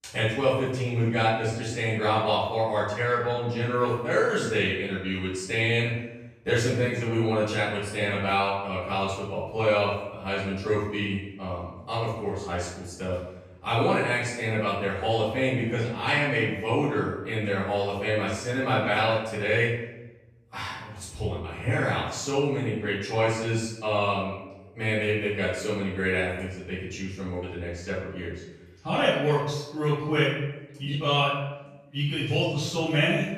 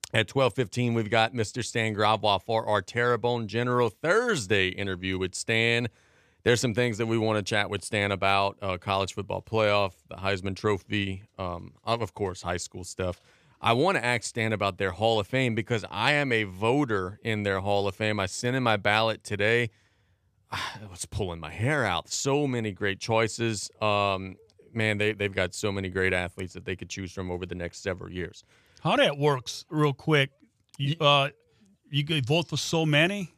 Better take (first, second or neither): second